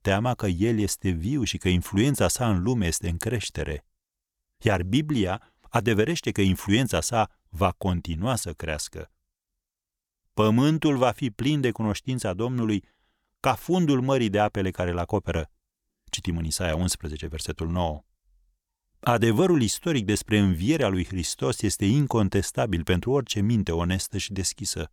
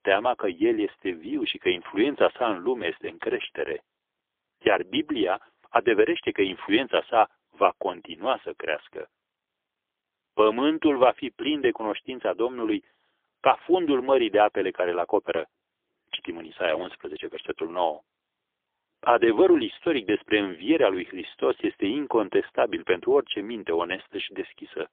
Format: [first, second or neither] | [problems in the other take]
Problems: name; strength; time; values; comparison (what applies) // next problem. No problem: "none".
first | phone-call audio; poor line; nothing above 3.5 kHz